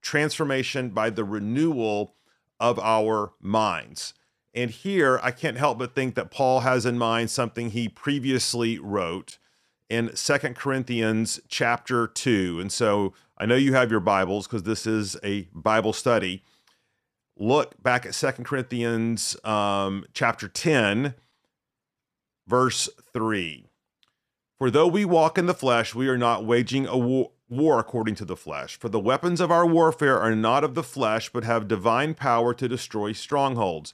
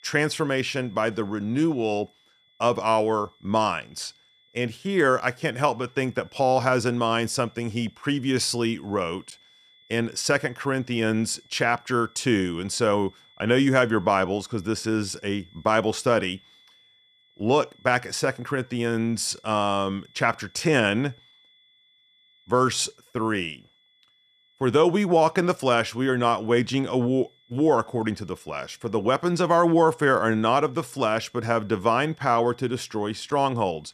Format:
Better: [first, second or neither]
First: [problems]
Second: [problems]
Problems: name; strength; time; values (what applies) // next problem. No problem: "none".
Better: first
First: none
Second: high-pitched whine; faint; throughout; 3.5 kHz, 30 dB below the speech